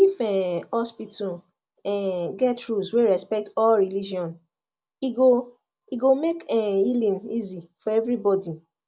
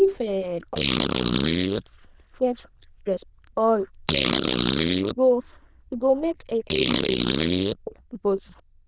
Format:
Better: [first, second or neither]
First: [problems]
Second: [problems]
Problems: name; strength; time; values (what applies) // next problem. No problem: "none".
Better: first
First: none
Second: noise reduction (neural diffusion model UNIVERSE++)